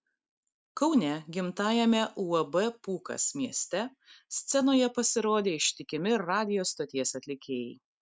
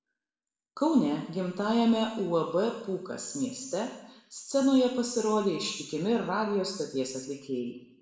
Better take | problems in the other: first | room echo; dies away in 0.9 s

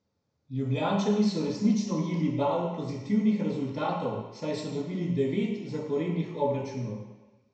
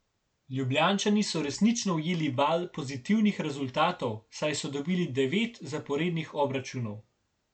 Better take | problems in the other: second | room echo; dies away in 1 s

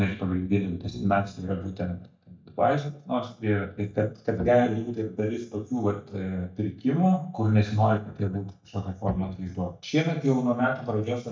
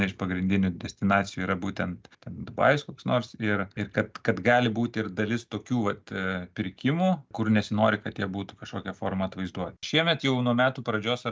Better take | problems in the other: second | noise reduction (neural mask model DeepFilterNet 3)

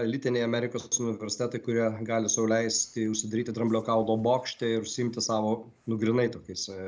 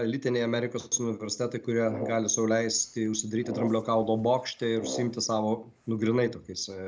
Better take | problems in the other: first | background sound (Brass instrument); 12 dB below the speech

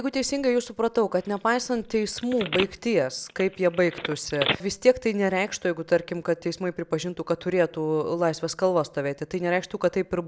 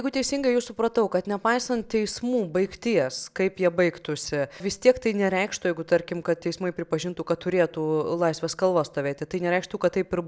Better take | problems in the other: second | background sound (Telephone); 9 dB below the speech

